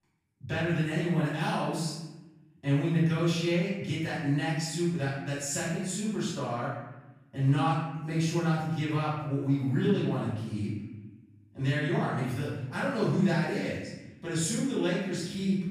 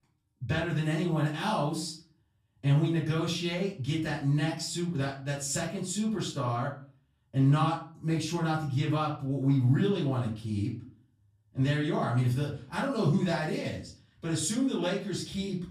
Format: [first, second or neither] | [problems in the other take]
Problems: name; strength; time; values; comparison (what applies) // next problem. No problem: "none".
second | room echo; strong; dies away in 0.9 s; slight in the second // off-mic speech; far; far in the second